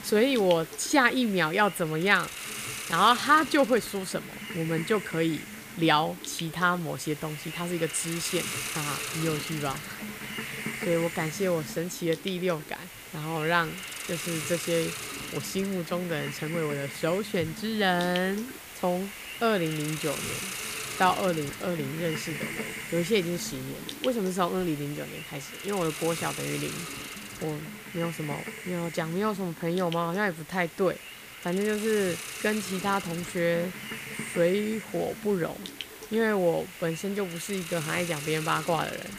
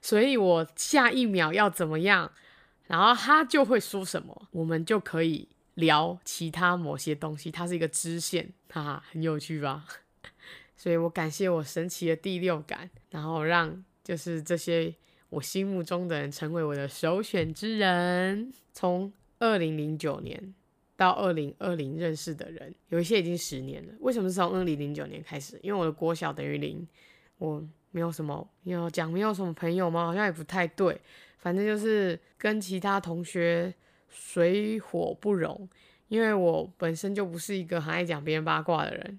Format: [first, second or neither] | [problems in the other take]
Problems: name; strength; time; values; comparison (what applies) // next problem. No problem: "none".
second | hiss; loud; throughout; 8 dB below the speech